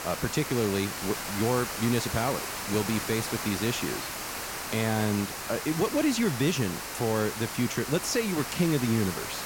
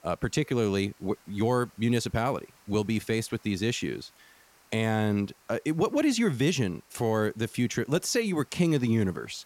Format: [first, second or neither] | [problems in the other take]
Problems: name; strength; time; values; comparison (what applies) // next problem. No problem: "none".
second | hiss; loud; throughout; 5 dB below the speech; faint in the second